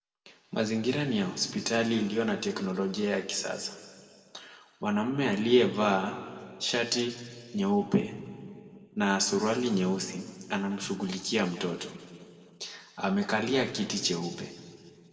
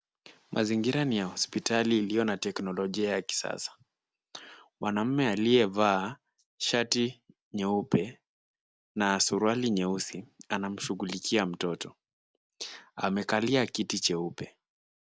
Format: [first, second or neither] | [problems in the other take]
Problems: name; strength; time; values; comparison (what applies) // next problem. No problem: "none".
second | room echo; dies away in 1.7 s